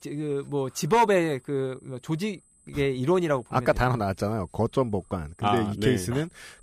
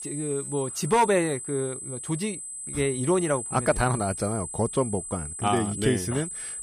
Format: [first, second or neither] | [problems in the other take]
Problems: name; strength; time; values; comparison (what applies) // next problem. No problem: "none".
first | high-pitched whine; loud; throughout; 8 kHz, 7 dB below the speech; faint in the first